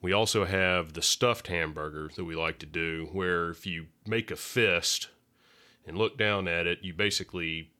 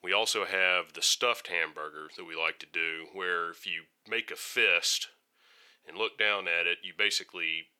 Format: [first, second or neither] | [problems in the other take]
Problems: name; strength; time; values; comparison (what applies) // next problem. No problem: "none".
first | thin; very; fading below 500 Hz